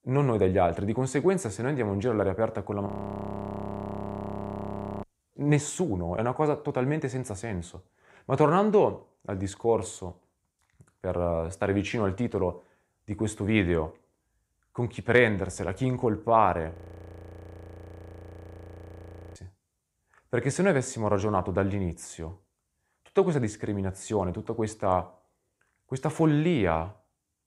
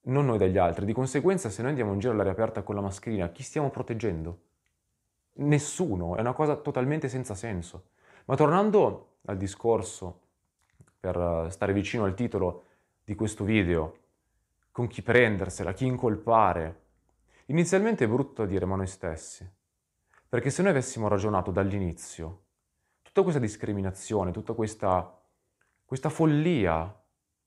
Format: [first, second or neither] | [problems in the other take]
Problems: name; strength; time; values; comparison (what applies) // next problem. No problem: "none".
second | audio freezing; at 3 s for 2 s and at 17 s for 2.5 s